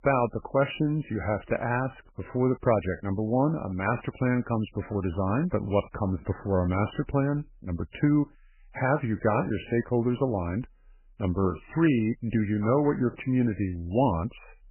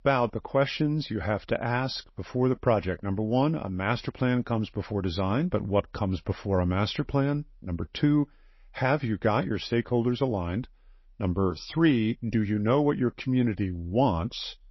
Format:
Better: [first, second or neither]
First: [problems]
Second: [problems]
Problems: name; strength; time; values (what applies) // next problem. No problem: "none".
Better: second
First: garbled, watery; badly; nothing above 3 kHz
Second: garbled, watery; slightly; nothing above 5.5 kHz